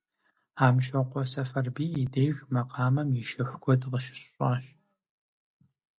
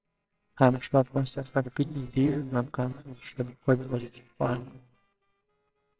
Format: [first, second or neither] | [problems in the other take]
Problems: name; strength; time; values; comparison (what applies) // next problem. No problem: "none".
first | noise reduction (neural separator model SepFormer WHAMR!)